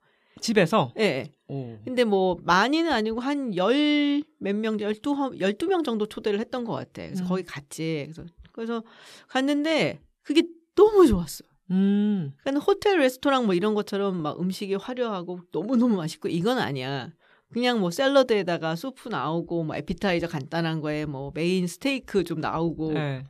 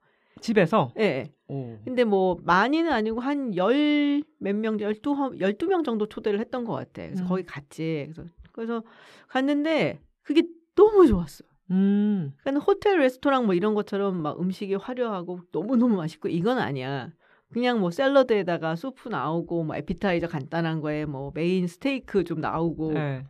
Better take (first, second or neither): first